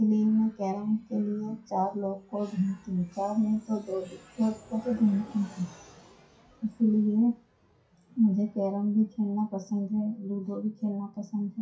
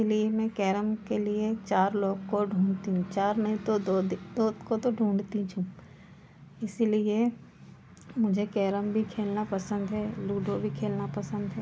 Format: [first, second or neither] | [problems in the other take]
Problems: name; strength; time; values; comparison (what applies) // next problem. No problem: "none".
second | noise reduction (classical method WPE with log-MMSE)